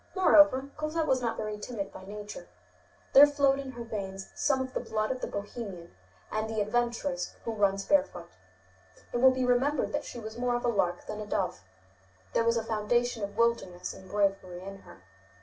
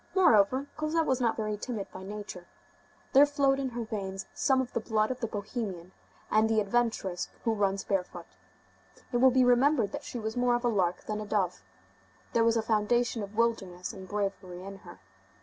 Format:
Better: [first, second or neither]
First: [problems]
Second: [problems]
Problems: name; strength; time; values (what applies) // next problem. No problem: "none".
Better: second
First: room echo; dies away in 0.2 s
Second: none